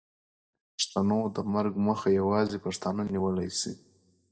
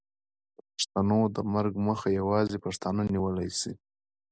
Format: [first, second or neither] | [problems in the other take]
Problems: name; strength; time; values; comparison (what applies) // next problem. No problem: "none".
second | noise reduction (neural mask model DeepFilterNet 3)